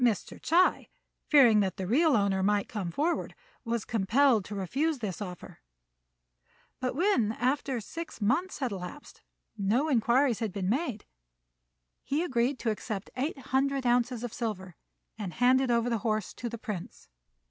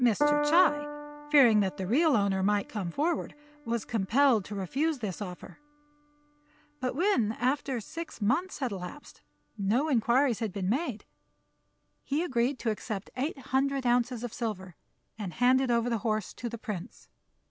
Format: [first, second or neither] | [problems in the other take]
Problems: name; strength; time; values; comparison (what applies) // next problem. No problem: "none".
first | background sound (Piano); 12 dB below the speech